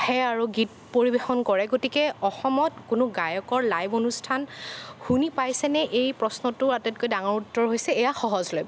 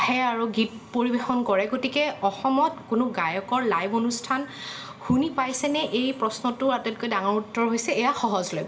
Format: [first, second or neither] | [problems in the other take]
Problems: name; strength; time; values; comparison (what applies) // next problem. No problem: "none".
first | room echo; dies away in 0.8 s